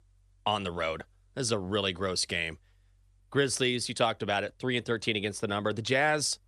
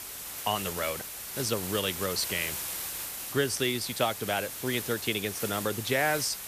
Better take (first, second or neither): first